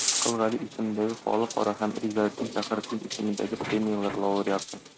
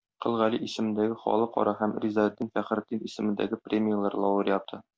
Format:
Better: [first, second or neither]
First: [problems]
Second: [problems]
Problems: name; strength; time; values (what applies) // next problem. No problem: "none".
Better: second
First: noise reduction (neural mask model RNNoise)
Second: none